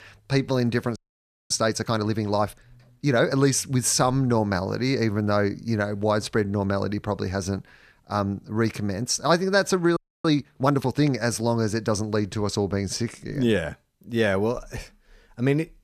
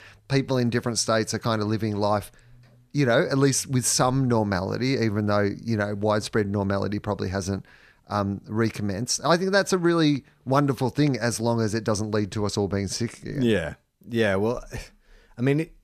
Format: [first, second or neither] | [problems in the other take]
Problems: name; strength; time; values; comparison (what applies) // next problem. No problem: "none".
second | audio freezing; at 1 s for 0.5 s and at 10 s